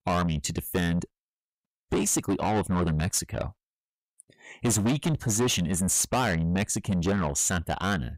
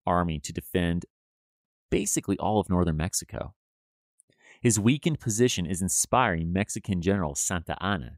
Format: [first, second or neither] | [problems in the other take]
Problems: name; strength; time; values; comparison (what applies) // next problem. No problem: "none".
second | distortion; heavy; 5 dB below the speech